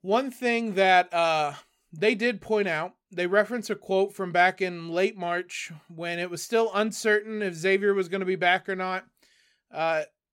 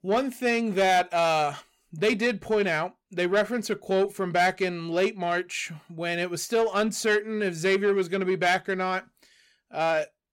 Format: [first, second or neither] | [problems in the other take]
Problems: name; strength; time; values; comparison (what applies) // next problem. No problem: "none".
first | distortion; slight; 10 dB below the speech